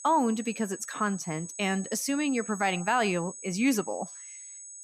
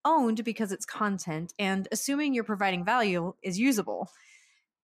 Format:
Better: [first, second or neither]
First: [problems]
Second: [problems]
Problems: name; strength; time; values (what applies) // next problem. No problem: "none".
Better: second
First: high-pitched whine; noticeable; throughout; 8 kHz, 10 dB below the speech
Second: none